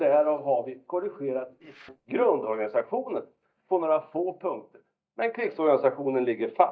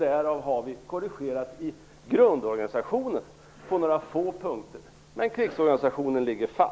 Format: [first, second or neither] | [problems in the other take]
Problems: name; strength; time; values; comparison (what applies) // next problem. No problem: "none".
second | noise reduction (neural mask model DeepFilterNet 3)